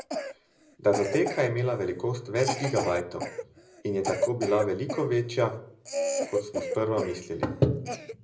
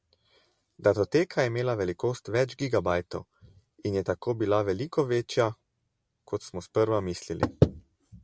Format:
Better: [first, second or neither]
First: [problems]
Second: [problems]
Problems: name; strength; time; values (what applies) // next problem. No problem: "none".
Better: second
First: background sound (Cough); 6 dB below the speech // room echo; dies away in 0.5 s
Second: none